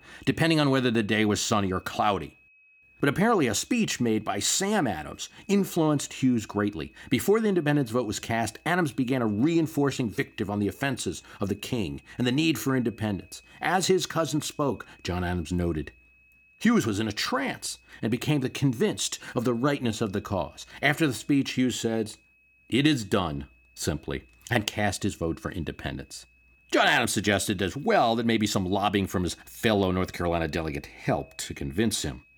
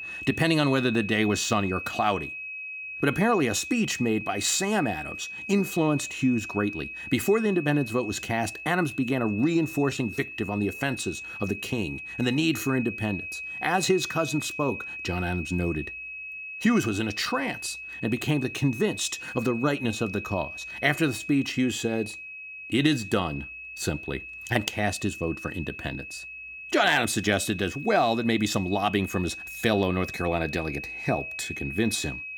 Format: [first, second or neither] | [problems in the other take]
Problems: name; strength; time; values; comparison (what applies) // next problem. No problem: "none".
first | high-pitched whine; loud; throughout; 2.5 kHz, 9 dB below the speech; faint in the first